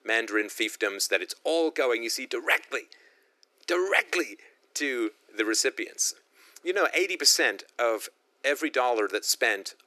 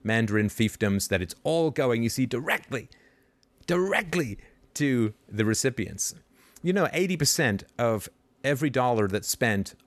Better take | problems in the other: second | thin; very; fading below 300 Hz

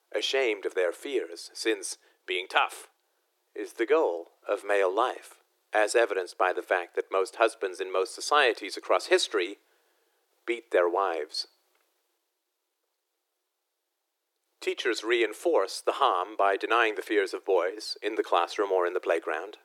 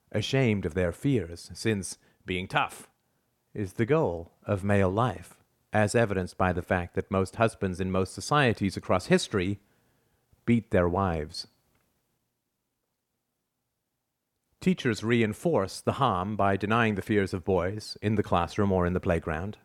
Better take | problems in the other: second | thin; very; fading below 350 Hz

